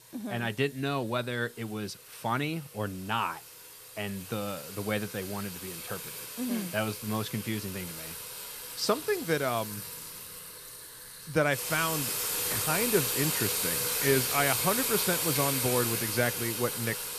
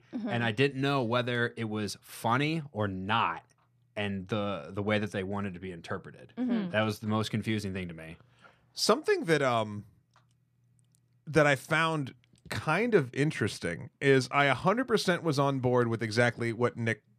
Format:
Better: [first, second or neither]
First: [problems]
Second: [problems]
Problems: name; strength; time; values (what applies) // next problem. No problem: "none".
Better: second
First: household noises; very loud; throughout; as loud as the speech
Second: none